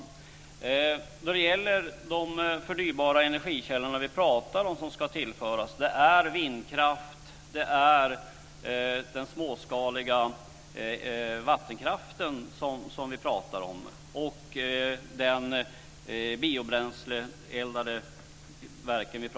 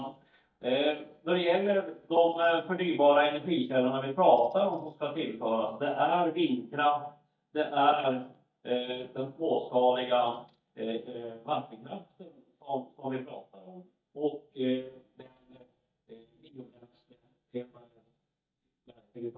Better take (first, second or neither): first